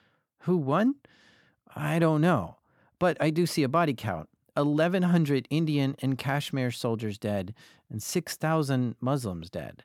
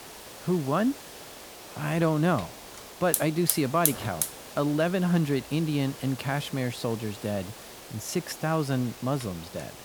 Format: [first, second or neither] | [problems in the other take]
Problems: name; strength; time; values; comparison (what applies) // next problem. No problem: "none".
first | hiss; loud; throughout; 7 dB below the speech